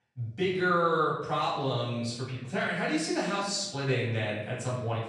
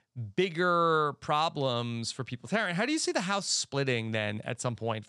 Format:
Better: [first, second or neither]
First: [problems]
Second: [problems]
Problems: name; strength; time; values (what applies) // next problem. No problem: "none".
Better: second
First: off-mic speech; far // room echo; noticeable; dies away in 0.8 s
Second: none